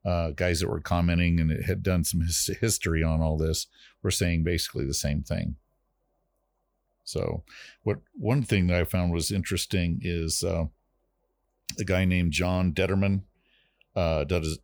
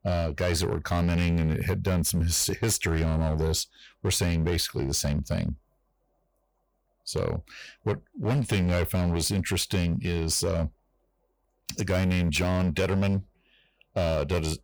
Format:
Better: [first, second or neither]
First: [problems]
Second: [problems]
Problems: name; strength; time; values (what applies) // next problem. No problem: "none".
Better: first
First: none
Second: distortion; slight; 11% of the sound clipped